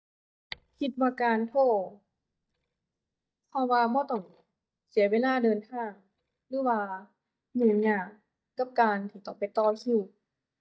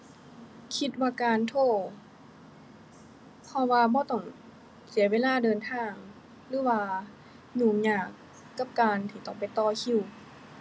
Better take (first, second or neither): second